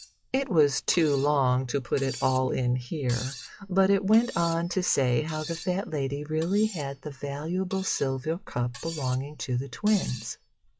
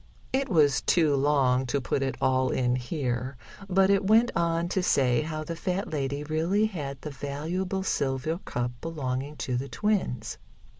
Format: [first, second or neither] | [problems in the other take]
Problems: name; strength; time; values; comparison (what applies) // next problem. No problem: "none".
second | noise reduction (classical method log-MMSE)